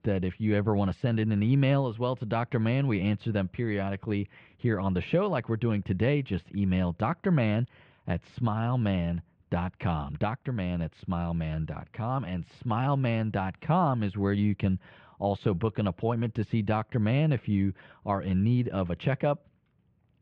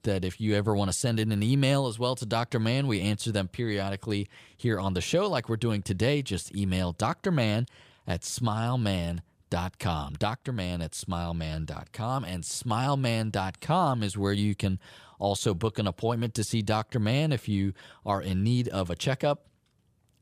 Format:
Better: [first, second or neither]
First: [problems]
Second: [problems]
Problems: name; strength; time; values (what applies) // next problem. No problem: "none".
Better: second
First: muffled; very; fading above 2.5 kHz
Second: none